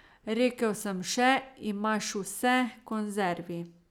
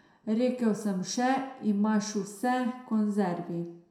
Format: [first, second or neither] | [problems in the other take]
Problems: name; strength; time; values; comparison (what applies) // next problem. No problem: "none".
first | room echo; dies away in 0.6 s